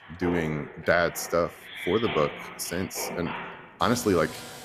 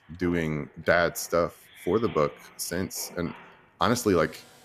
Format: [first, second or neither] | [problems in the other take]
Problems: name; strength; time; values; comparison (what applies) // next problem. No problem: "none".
second | machinery noise; loud; throughout; 9 dB below the speech; faint in the second